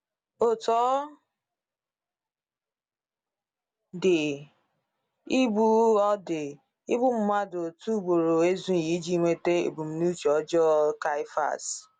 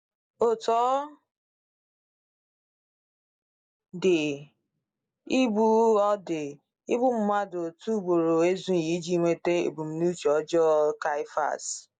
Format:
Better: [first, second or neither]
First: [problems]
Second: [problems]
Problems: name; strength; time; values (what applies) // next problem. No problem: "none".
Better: first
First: none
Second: noise reduction (neural mask model Resemble Enhance denoiser)